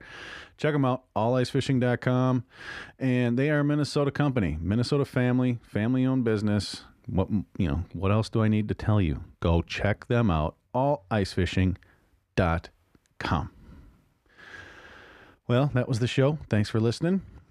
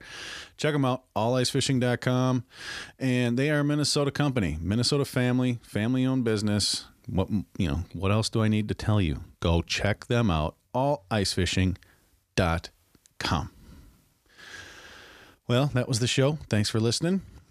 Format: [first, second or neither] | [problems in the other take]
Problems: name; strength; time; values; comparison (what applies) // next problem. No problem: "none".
second | muffled; slightly; fading above 3.5 kHz